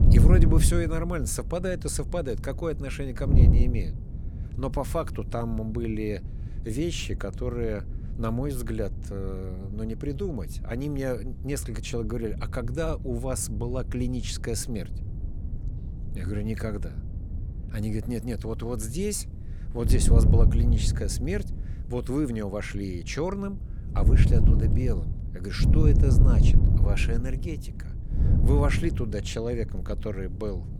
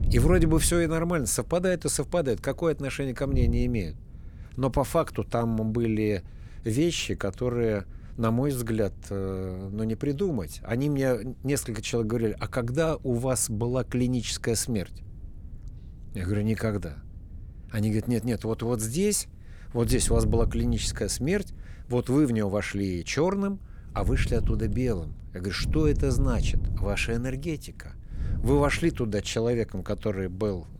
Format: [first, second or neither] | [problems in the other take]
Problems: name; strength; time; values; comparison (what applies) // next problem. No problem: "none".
second | wind noise on the microphone; heavy; 8 dB below the speech; occasional gusts in the second